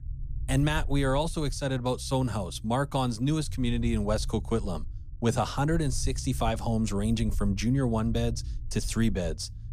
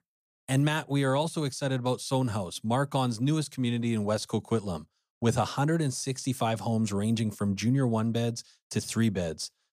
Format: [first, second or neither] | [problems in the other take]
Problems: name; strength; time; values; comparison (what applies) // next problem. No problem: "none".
second | low rumble; faint; throughout; 25 dB below the speech